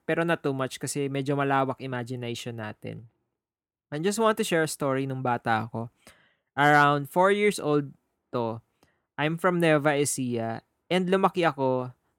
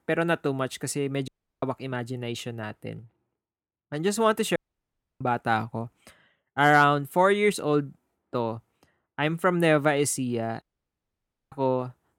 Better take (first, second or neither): first